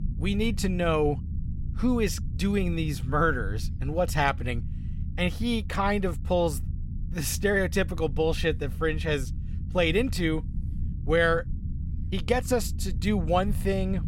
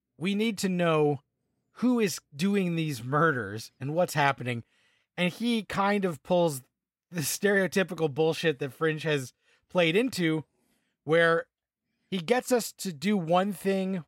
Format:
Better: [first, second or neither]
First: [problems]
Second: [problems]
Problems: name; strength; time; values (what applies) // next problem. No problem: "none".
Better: second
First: low rumble; faint; throughout; 20 dB below the speech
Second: none